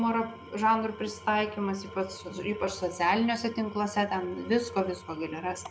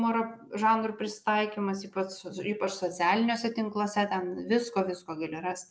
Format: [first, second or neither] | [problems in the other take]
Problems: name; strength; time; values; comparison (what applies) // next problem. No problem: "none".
second | background sound (Engine / Tools); 17 dB below the speech